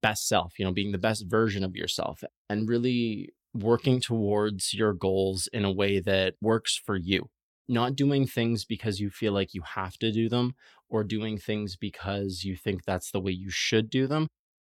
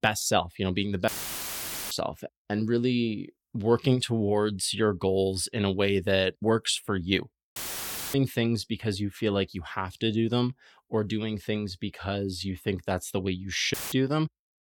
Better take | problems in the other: first | audio cutting out; filled with static; at 1 s for 1 s, at 7.5 s for 0.5 s and at 14 s

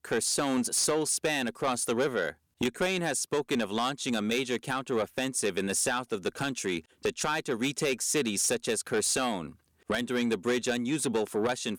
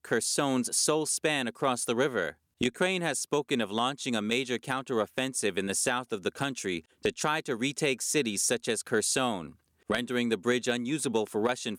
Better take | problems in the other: second | distortion; slight; 10 dB below the speech

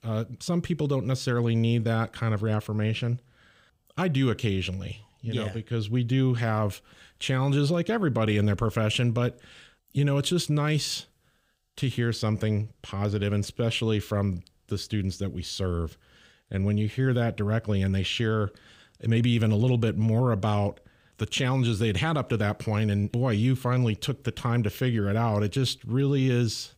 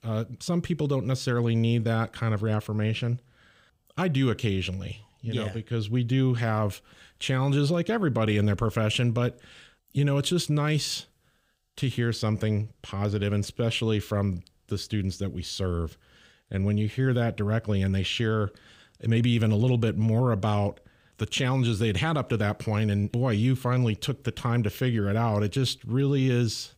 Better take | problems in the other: neither | none

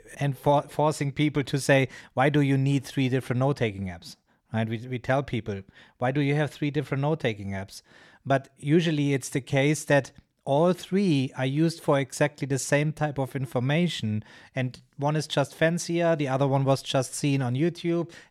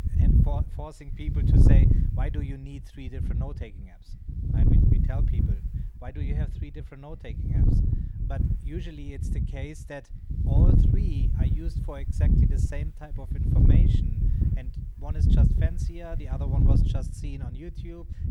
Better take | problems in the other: first | wind noise on the microphone; heavy; 5 dB above the speech

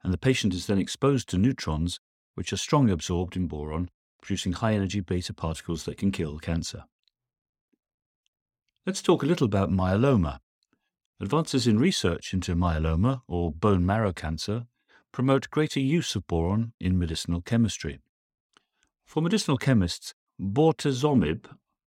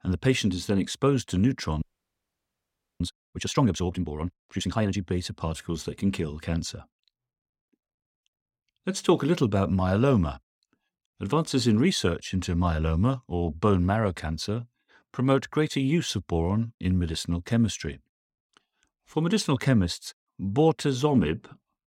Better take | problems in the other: first | audio freezing; at 2 s for 1 s

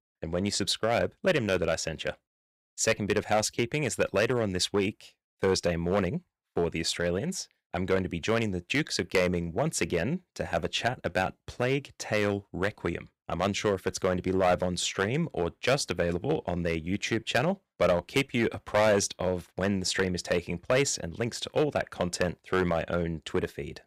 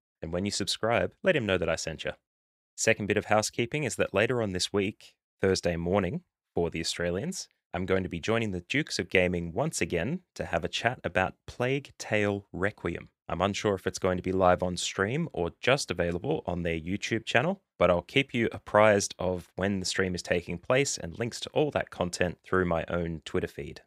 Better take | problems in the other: second | distortion; slight; 2% of the sound clipped

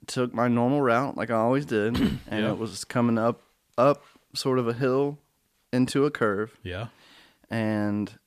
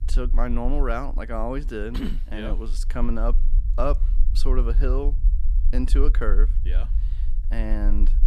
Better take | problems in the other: first | low rumble; noticeable; throughout; 20 dB below the speech

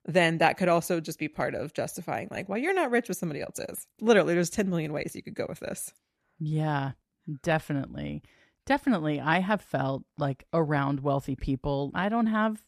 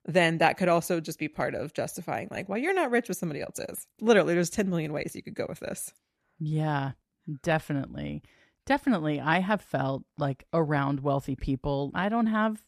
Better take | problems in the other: neither | none

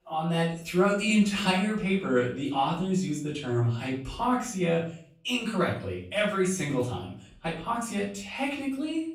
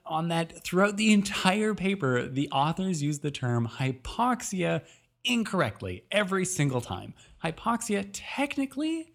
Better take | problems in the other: second | off-mic speech; far // room echo; noticeable; dies away in 0.4 s

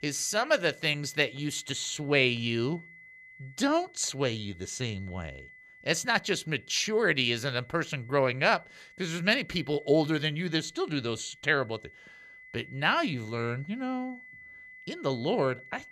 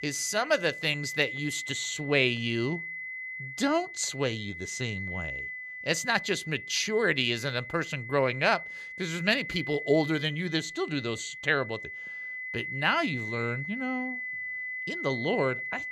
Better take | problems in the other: first | high-pitched whine; loud; throughout; 2 kHz, 7 dB below the speech; faint in the first

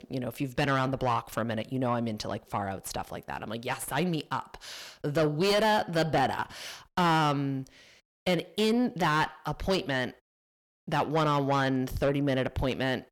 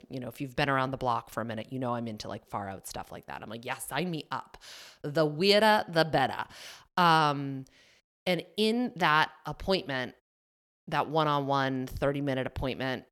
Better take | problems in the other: second | distortion; heavy; 7 dB below the speech

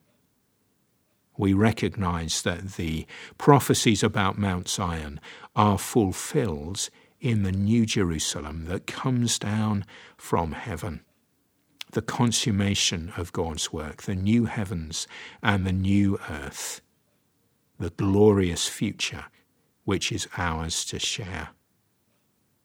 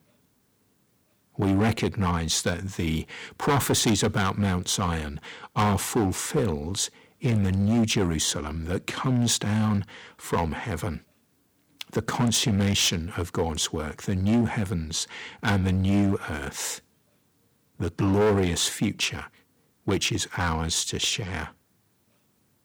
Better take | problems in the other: first | distortion; heavy; 6% of the sound clipped

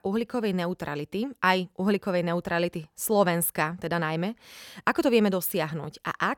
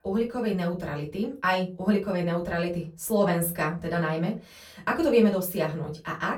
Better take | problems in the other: first | off-mic speech; far // room echo; very slight; dies away in 0.2 s

